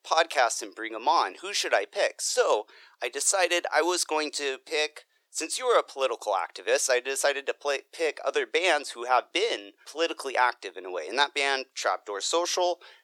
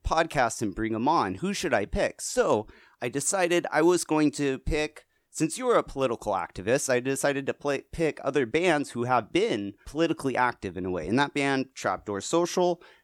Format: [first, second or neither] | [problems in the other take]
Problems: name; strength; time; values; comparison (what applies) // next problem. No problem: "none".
second | thin; very; fading below 450 Hz